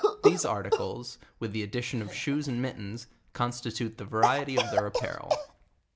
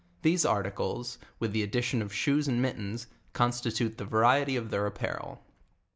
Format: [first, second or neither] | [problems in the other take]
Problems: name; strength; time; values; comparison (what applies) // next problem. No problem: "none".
second | background sound (Cough); as loud as the speech